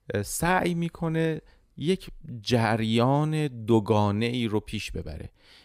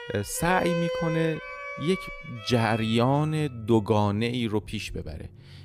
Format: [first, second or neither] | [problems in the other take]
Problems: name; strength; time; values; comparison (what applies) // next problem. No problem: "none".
first | background music; loud; throughout; 9 dB below the speech